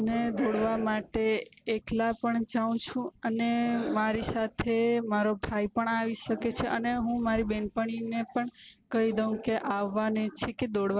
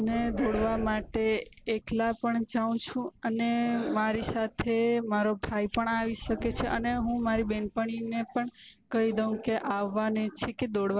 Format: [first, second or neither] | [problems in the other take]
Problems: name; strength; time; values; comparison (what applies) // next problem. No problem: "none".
first | background sound (Fire); 19 dB below the speech